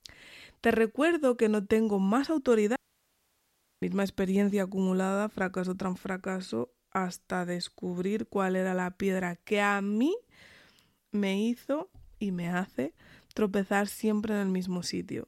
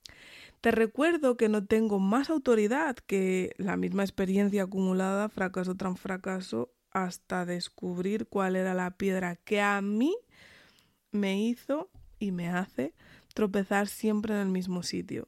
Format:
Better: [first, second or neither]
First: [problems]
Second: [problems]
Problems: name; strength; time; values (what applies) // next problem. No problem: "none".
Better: second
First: audio cutting out; at 3 s for 1 s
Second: none